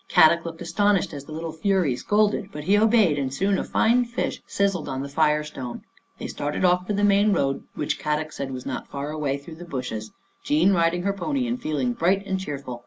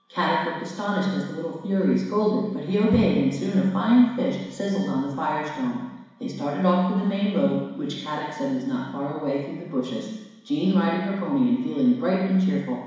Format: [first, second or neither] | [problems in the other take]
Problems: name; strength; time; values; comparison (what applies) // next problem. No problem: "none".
first | background sound (Bowed string instrument); 15 dB below the speech // room echo; dies away in 1.1 s